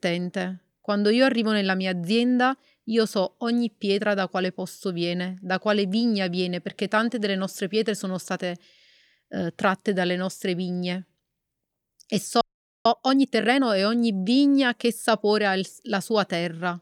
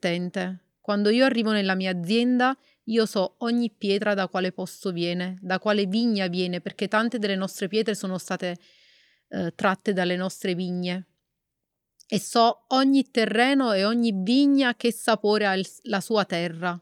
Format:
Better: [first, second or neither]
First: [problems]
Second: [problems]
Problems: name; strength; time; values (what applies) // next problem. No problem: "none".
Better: second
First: audio freezing; at 12 s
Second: none